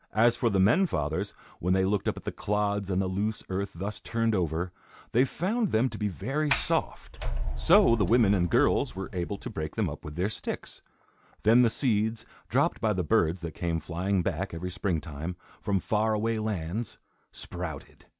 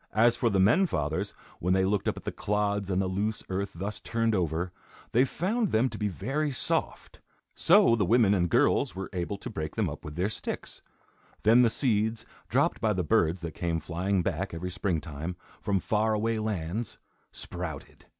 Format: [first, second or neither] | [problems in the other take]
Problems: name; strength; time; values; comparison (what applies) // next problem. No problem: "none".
second | background sound (Sliding door); 5 dB below the speech